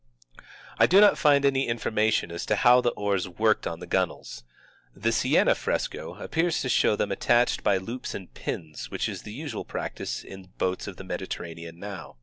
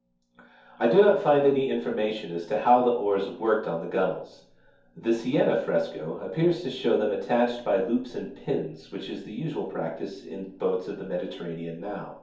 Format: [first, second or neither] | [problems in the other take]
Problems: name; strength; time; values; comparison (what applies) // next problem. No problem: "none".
first | room echo; dies away in 0.6 s